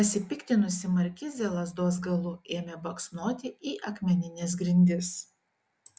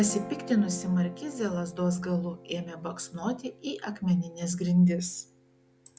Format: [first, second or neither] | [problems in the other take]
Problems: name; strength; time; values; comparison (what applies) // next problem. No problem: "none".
first | background sound (Guitar); 17 dB below the speech